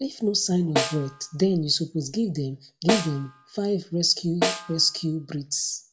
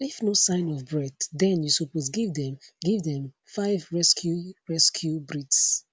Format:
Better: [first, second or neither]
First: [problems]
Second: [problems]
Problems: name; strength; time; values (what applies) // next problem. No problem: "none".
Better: second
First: background sound (Snare drum); 5 dB below the speech // room echo; dies away in 0.3 s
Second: none